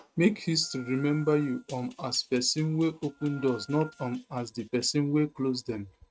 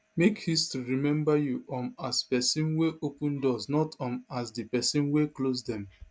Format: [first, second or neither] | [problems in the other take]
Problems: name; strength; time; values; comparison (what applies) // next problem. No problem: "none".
second | noise reduction (neural mask model RNNoise)